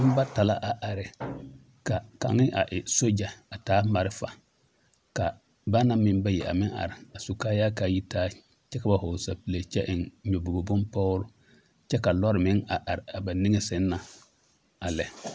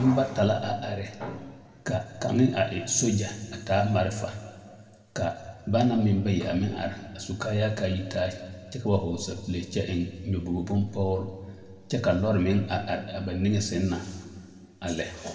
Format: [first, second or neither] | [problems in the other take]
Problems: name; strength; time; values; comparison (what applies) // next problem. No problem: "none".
first | room echo; dies away in 1.7 s